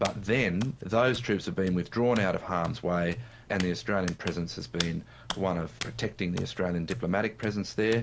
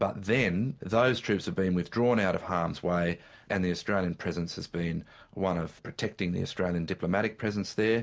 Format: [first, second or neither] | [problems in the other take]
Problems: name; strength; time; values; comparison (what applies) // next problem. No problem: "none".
second | background sound (Hands); 13 dB below the speech